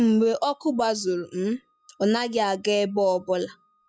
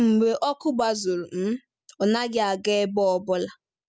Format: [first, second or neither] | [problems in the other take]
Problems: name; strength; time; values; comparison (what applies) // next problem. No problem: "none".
second | noise reduction (classical method log-MMSE)